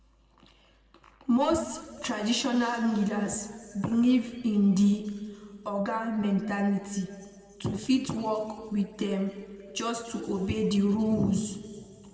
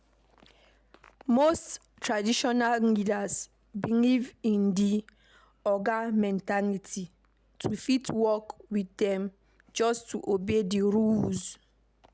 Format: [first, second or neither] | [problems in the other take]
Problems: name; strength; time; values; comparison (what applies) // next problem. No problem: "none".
second | room echo; dies away in 1.9 s